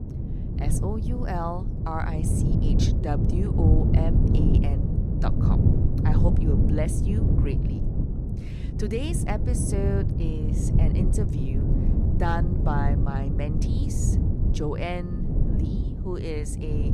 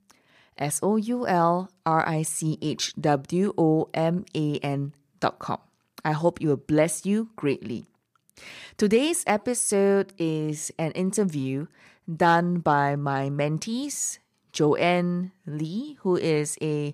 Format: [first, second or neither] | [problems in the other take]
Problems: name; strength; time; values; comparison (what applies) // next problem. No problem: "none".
second | wind noise on the microphone; heavy; 2 dB below the speech